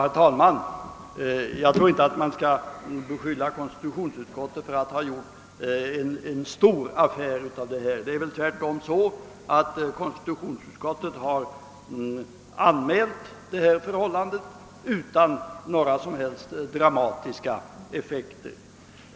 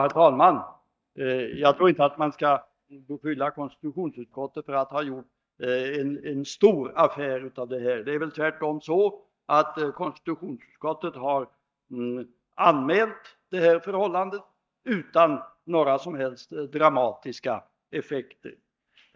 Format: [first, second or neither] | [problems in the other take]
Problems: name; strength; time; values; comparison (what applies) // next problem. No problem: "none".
first | noise reduction (neural mask model DeepFilterNet 3)